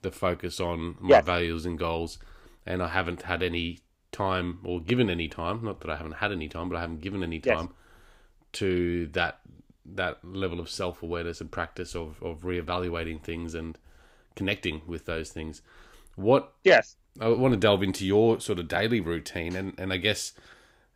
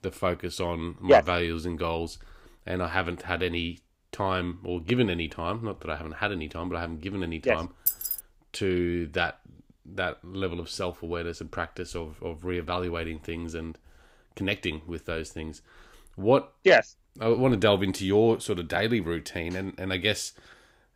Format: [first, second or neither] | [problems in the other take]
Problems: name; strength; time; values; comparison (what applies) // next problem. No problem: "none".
first | jangling keys; loud; at 8 s; peak 2 dB above the speech